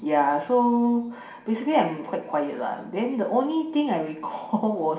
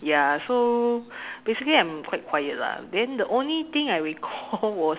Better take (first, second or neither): second